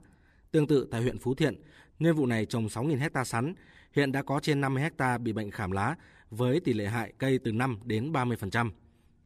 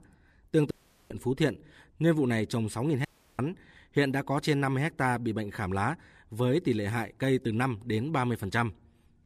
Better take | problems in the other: first | audio cutting out; at 0.5 s and at 3 s

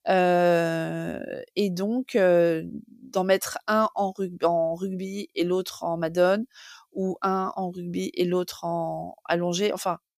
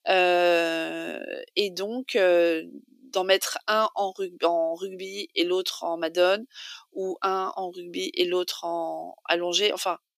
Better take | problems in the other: first | thin; somewhat; fading below 300 Hz

